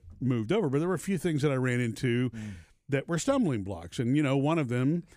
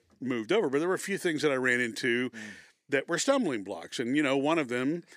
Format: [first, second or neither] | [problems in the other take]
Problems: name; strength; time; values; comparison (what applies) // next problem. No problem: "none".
first | thin; somewhat; fading below 350 Hz